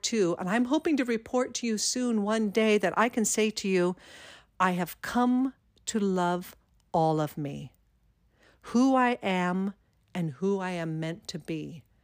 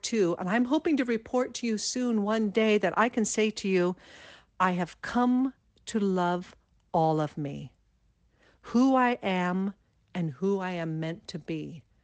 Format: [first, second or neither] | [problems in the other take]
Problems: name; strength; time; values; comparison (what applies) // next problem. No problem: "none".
first | garbled, watery; slightly; nothing above 8 kHz